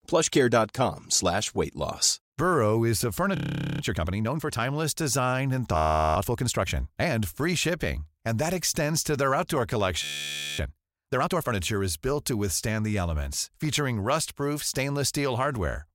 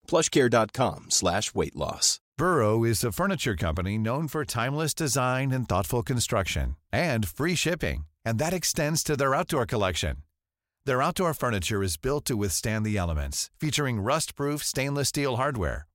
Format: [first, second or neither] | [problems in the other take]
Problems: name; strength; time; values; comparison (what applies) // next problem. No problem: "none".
second | audio freezing; at 3.5 s, at 6 s and at 10 s for 0.5 s